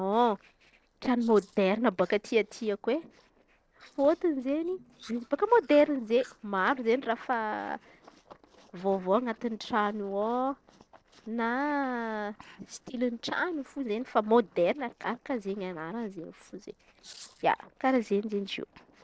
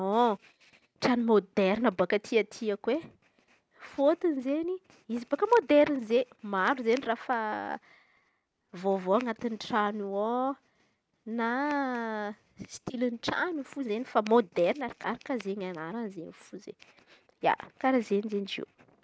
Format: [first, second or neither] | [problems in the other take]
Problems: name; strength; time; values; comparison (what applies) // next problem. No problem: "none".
second | noise reduction (neural separator model SepFormer DNS4)